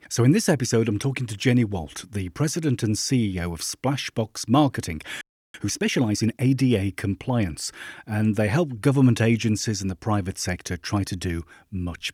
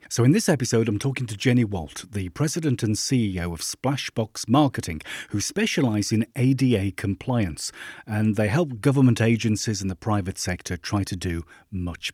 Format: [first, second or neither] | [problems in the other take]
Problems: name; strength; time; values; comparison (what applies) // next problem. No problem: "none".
second | audio freezing; at 5 s